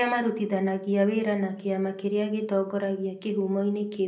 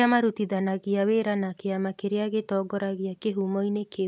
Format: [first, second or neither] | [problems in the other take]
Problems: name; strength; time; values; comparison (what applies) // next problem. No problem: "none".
second | room echo; dies away in 0.5 s